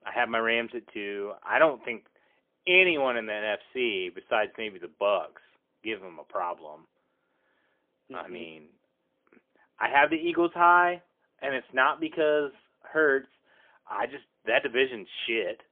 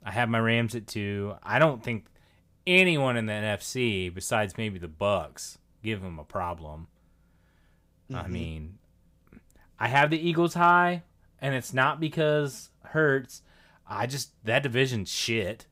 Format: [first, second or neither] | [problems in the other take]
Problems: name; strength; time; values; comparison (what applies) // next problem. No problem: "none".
second | phone-call audio; poor line; nothing above 3.5 kHz